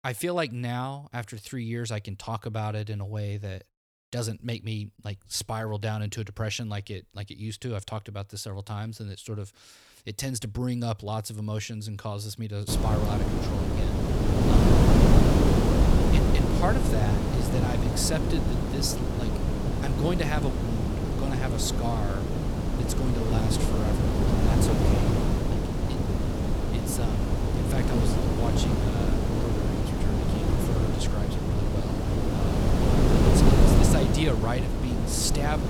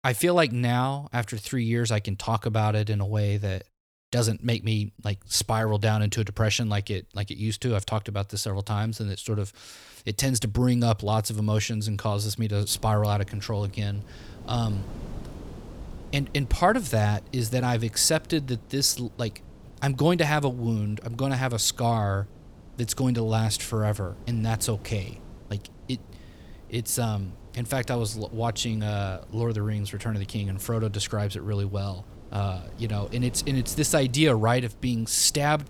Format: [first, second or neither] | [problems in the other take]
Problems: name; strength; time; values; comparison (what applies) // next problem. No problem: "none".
second | wind noise on the microphone; heavy; from 13 s on; 4 dB above the speech; occasional gusts in the second